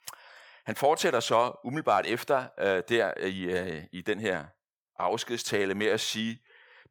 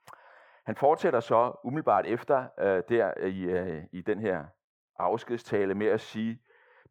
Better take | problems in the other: first | muffled; very; fading above 2.5 kHz

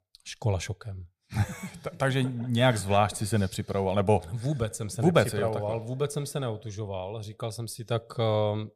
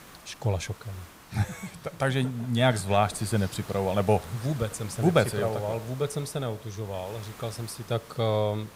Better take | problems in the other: first | hiss; noticeable; throughout; 20 dB below the speech

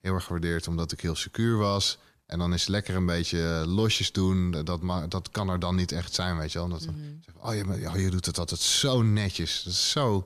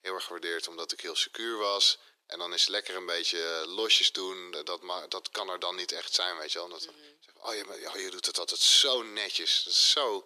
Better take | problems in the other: first | thin; very; fading below 350 Hz

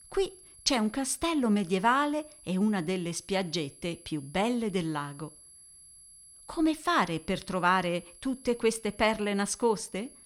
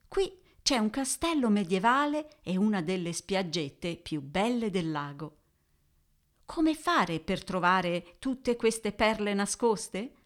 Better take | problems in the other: second | high-pitched whine; faint; throughout; 11 kHz, 20 dB below the speech

